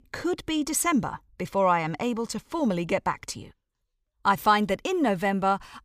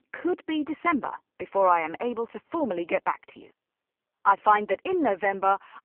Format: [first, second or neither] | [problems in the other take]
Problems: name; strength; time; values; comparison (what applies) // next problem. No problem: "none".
first | phone-call audio; poor line; nothing above 3 kHz